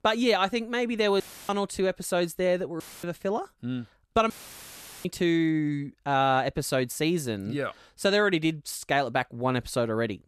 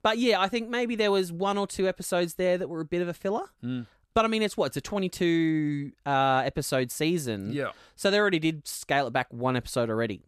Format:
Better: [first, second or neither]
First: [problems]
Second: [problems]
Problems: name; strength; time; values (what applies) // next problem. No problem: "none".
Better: second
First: audio cutting out; filled with static; at 1 s, at 3 s and at 4.5 s for 1 s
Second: none